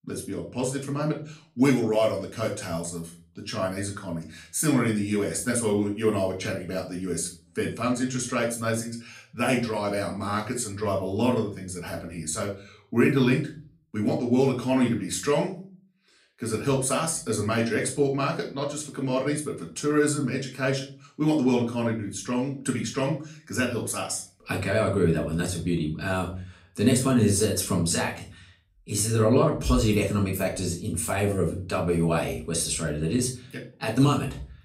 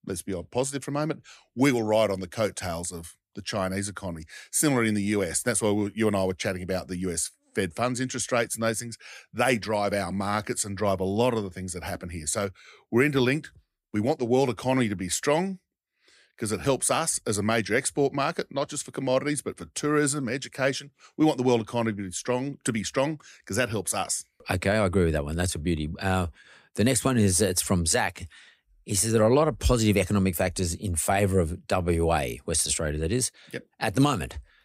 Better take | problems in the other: second | off-mic speech; far // room echo; slight; dies away in 0.3 s

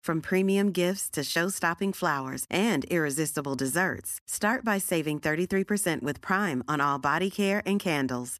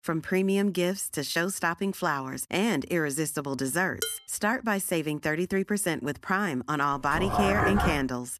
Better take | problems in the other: first | clattering dishes; noticeable; at 4 s; peak 6 dB below the speech // dog barking; loud; at 7 s; peak 2 dB above the speech

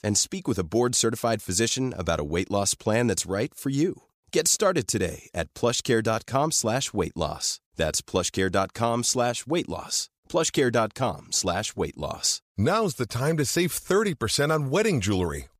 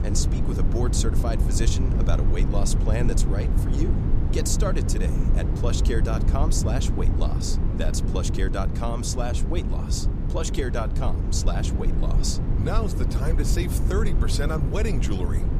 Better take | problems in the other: first | low rumble; loud; throughout; 5 dB below the speech

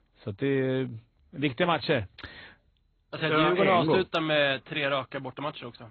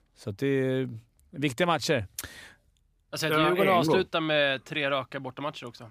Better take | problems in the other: second | garbled, watery; badly; nothing above 3.5 kHz

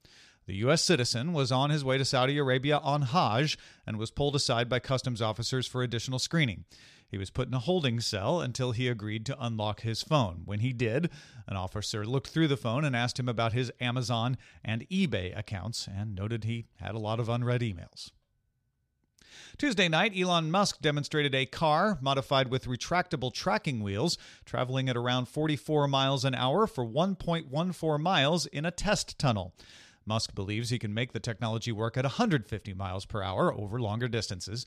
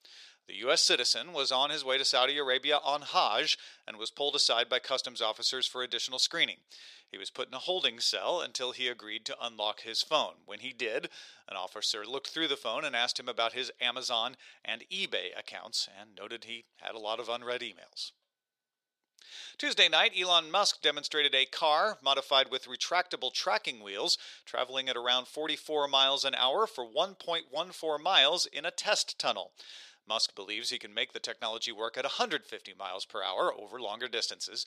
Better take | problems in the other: first | thin; very; fading below 450 Hz

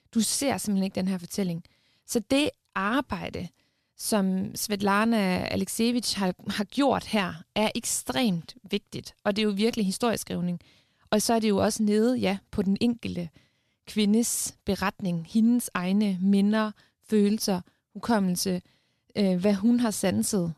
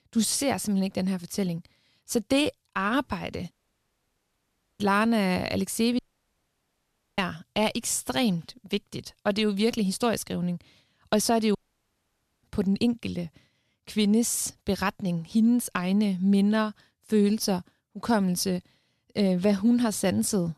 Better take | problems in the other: first | audio cutting out; at 3.5 s for 1.5 s, at 6 s for 1 s and at 12 s for 1 s

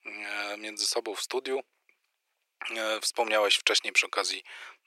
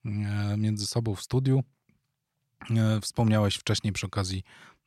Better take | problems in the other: second | thin; very; fading below 400 Hz

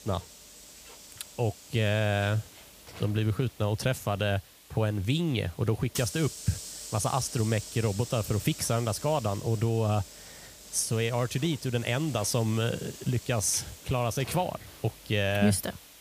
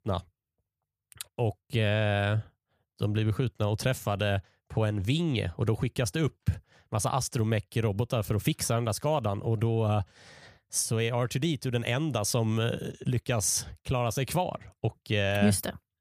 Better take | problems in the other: second | hiss; noticeable; throughout; 15 dB below the speech

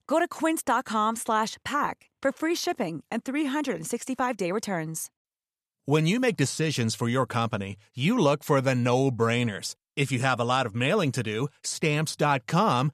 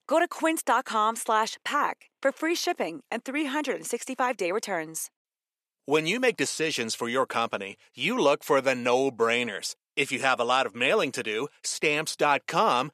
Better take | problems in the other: first | thin; somewhat; fading below 400 Hz

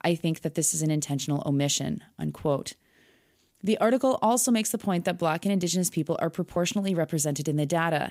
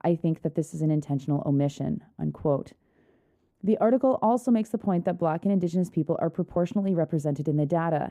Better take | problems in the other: first | muffled; very; fading above 2 kHz

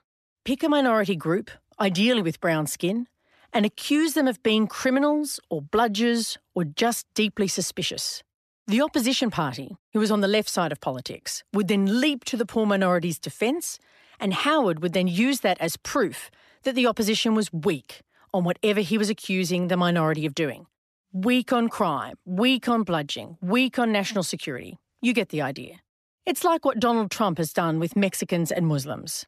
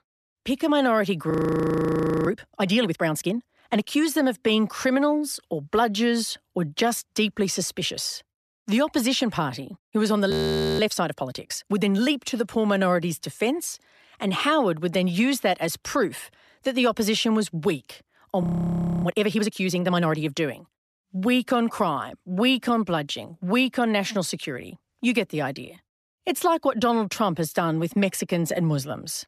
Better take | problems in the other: first | audio freezing; at 1.5 s for 1 s, at 10 s and at 18 s for 0.5 s

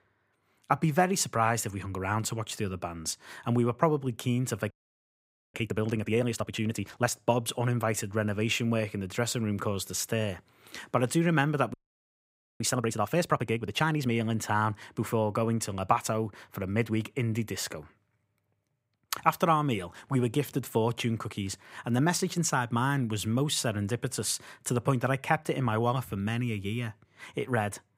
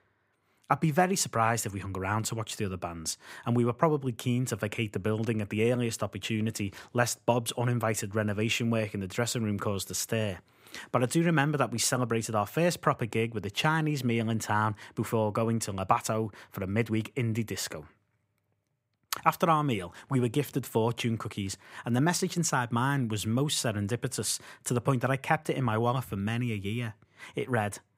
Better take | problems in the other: second | audio freezing; at 4.5 s for 1 s and at 12 s for 1 s

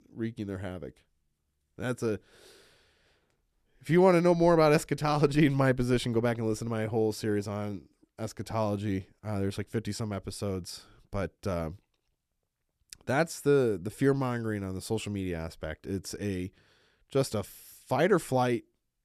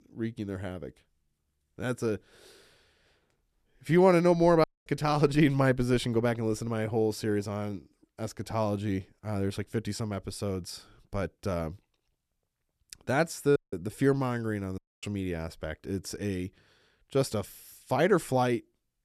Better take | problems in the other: first | audio cutting out; at 4.5 s, at 14 s and at 15 s

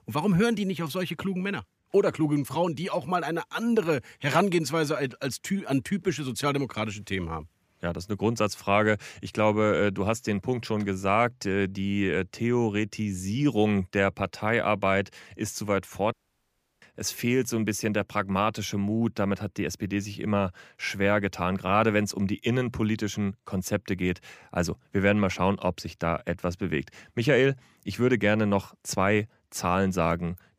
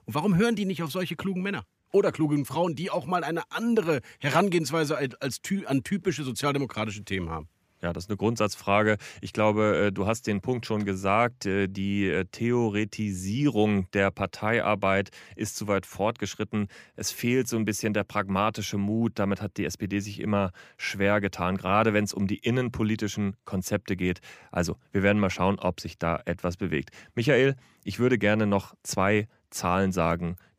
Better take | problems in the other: second | audio cutting out; at 16 s for 0.5 s

